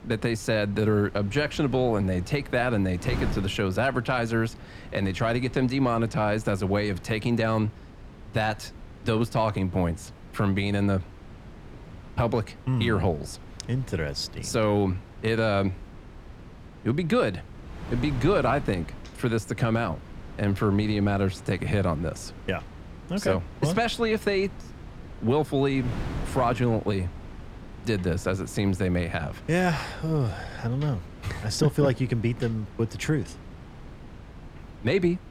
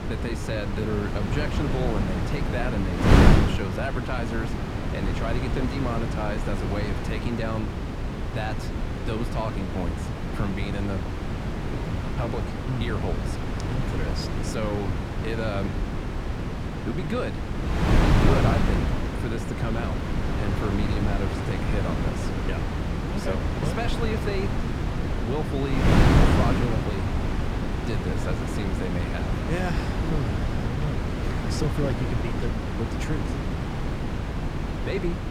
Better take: first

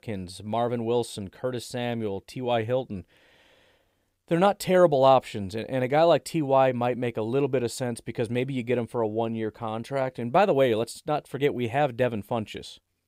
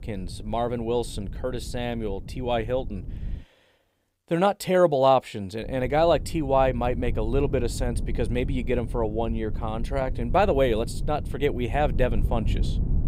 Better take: first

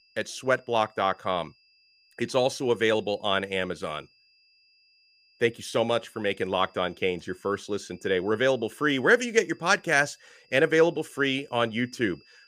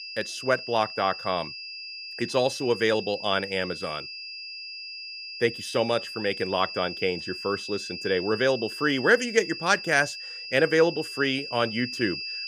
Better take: first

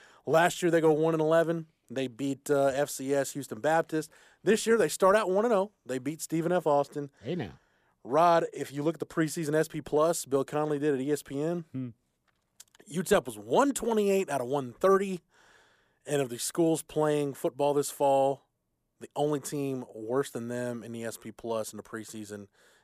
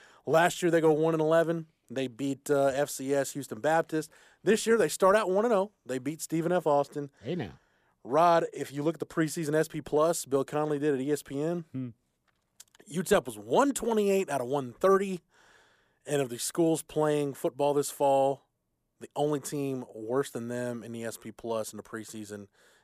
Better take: neither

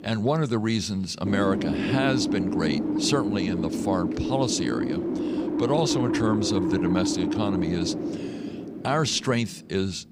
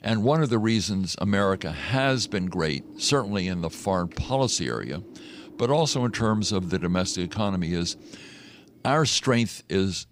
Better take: second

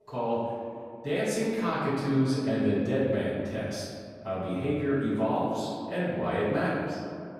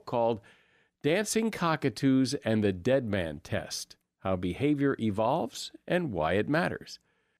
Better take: second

